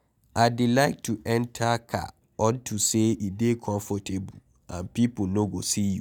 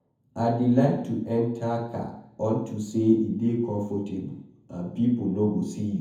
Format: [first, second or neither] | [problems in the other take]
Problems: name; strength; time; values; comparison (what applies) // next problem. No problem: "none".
first | room echo; dies away in 0.7 s